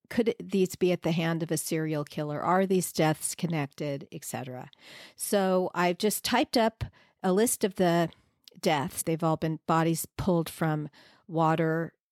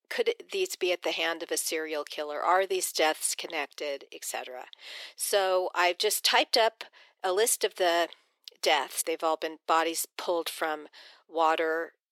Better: first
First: none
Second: thin; very; fading below 400 Hz

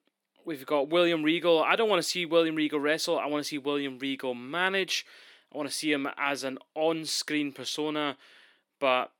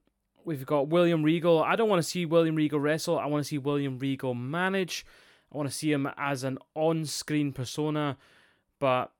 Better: second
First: thin; very slightly; fading below 250 Hz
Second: none

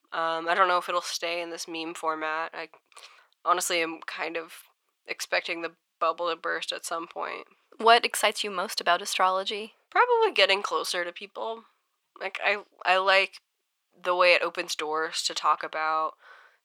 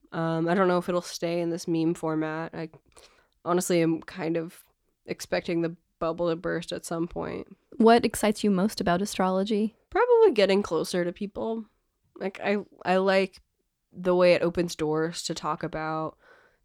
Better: second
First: thin; very; fading below 800 Hz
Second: none

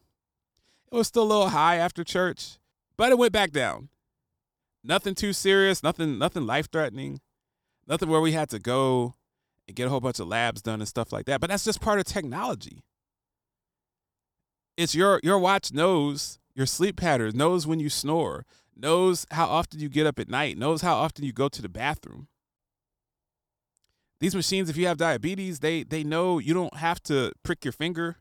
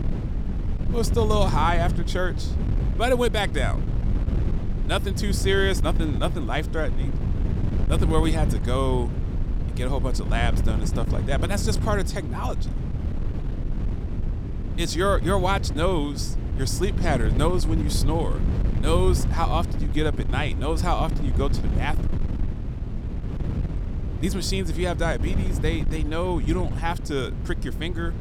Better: first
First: none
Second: wind noise on the microphone; occasional gusts; 10 dB below the speech

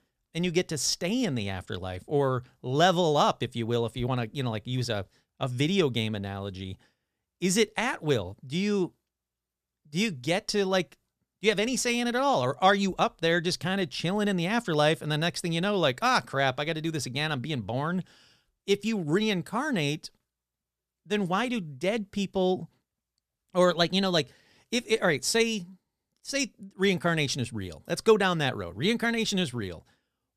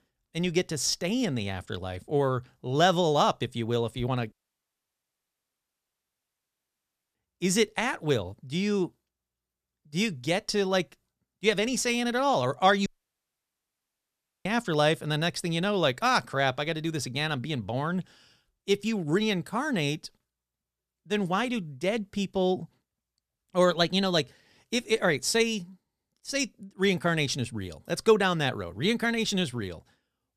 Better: first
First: none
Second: audio cutting out; at 4.5 s for 3 s and at 13 s for 1.5 s

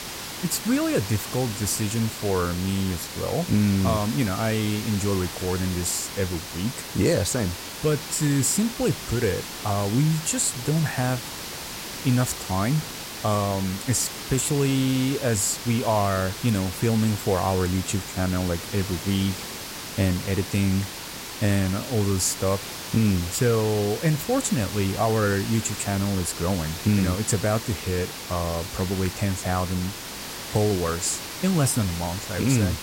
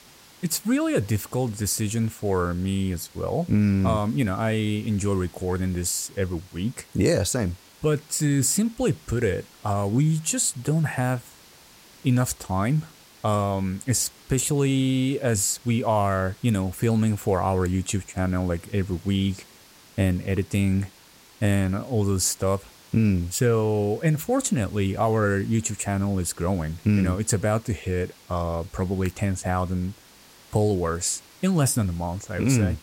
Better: second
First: hiss; loud; throughout; 8 dB below the speech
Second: hiss; faint; throughout; 25 dB below the speech

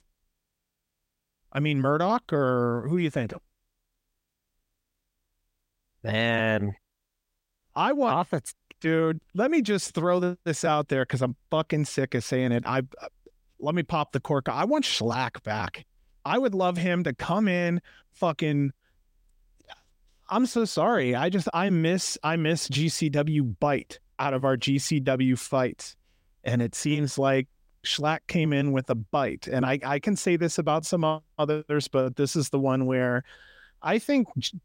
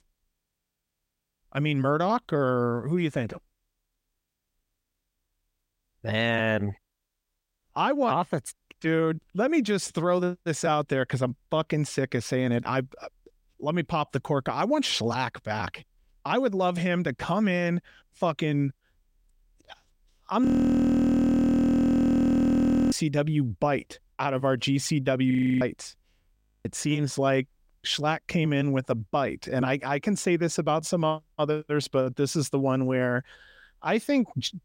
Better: first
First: none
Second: audio freezing; at 20 s for 2.5 s, at 25 s and at 26 s

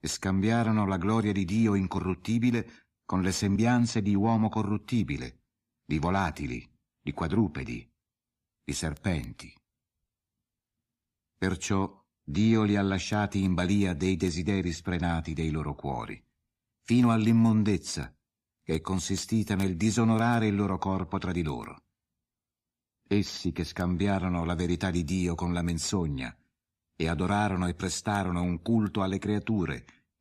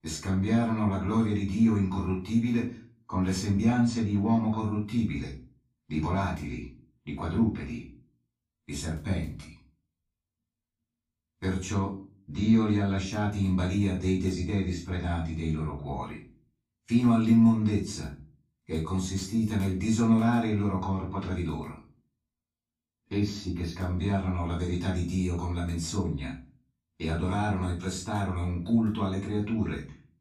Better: first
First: none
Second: room echo; slight; dies away in 0.3 s // off-mic speech; far

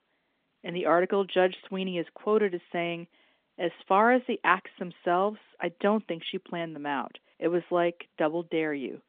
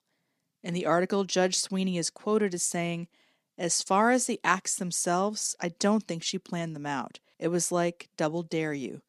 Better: second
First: phone-call audio; nothing above 3.5 kHz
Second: none

